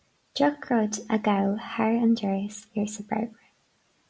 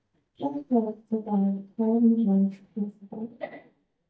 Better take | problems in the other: first | noise reduction (neural mask model DeepFilterNet 3)

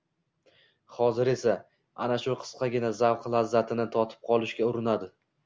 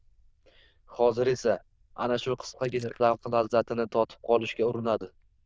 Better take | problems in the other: first | noise reduction (neural diffusion model UNIVERSE++)

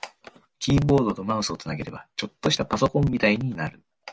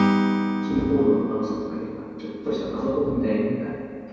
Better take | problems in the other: first | background sound (Acoustic guitar / Strum); 2 dB below the speech // room echo; dies away in 2.2 s

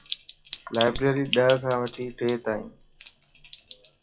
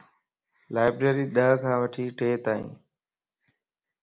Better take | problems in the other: second | noise reduction (classical method WPE with log-MMSE)

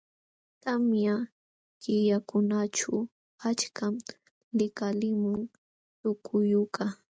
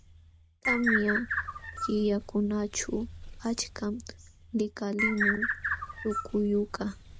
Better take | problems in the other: first | background sound (Bird); 3 dB below the speech

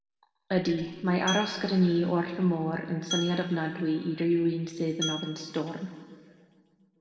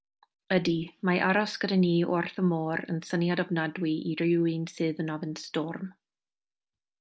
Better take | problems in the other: second | background sound (Glass); 11 dB below the speech // room echo; dies away in 1.8 s

